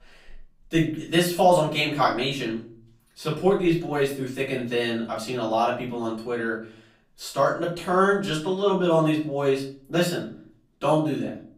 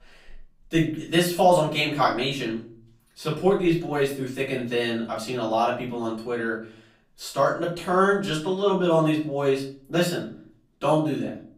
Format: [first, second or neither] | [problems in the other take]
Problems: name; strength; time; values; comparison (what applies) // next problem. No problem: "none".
neither | off-mic speech; far; the same in both // room echo; slight; dies away in 0.4 s; the same in both